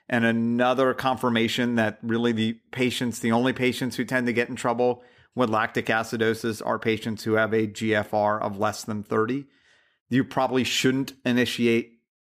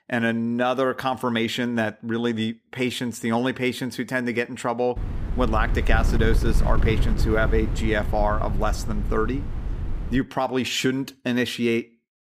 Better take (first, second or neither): first